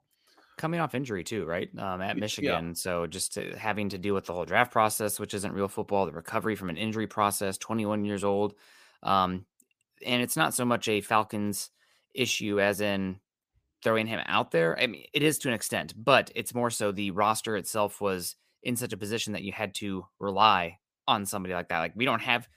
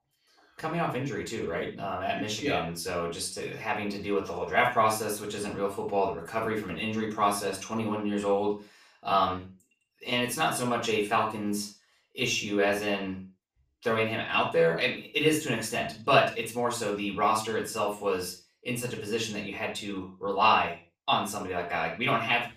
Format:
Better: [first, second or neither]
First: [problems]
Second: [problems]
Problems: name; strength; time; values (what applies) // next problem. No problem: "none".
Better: first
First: none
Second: room echo; slight; dies away in 0.3 s // off-mic speech; far